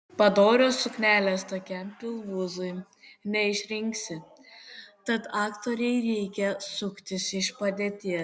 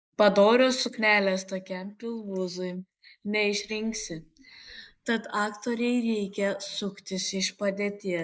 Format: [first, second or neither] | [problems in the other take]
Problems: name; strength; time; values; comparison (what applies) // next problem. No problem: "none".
first | noise reduction (neural mask model Resemble Enhance denoiser)